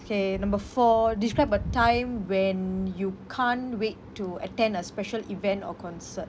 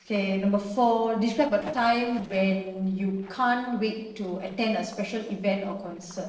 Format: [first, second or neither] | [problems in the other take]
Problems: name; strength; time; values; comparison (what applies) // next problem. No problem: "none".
first | noise reduction (neural separator model SepFormer DNS4)